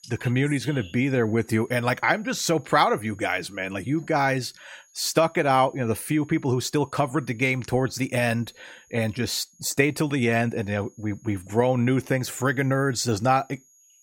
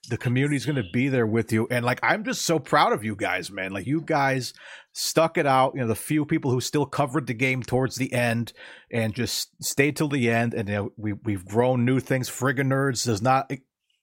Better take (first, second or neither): second